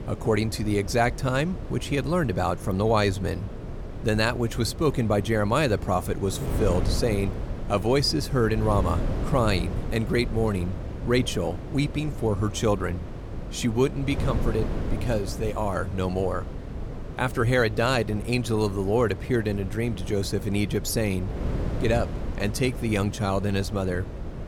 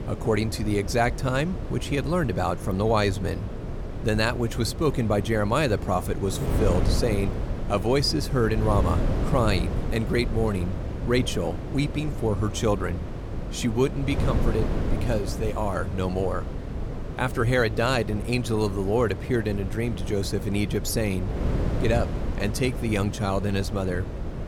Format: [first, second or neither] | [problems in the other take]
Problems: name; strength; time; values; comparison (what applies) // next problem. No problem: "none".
first | wind noise on the microphone; heavy; 10 dB below the speech; occasional gusts in the first